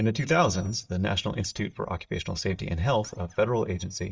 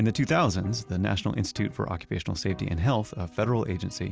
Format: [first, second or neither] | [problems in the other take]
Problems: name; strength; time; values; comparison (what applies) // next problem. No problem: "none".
second | noise reduction (neural mask model DeepFilterNet 3)